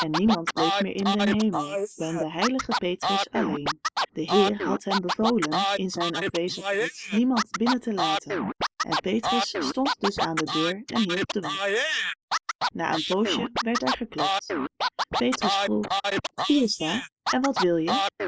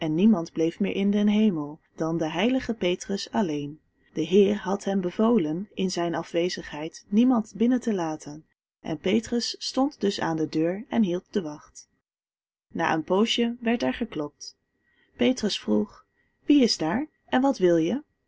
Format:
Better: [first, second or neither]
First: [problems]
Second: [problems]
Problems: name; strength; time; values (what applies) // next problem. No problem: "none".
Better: second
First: noise reduction (neural mask model Resemble Enhance denoiser)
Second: none